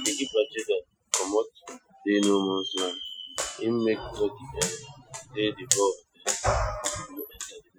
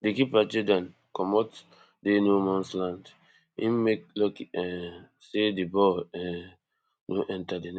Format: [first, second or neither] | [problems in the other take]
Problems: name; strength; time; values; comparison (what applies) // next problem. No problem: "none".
second | noise reduction (classical method Wiener filter)